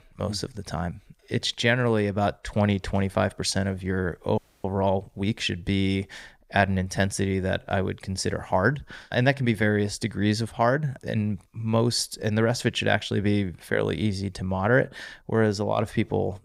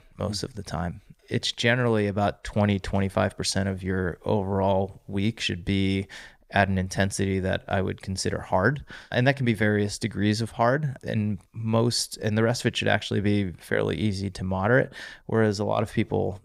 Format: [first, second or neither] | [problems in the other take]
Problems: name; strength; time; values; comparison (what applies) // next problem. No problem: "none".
second | audio freezing; at 4.5 s